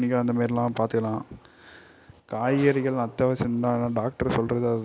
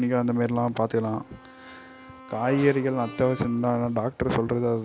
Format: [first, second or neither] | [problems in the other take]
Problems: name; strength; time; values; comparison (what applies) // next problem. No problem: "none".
first | background sound (Brass instrument); 19 dB below the speech